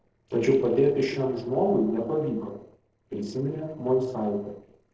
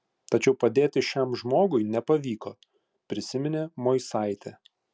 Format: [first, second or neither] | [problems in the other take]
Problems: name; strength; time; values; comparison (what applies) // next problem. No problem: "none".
second | noise reduction (neural separator model SepFormer DNS4)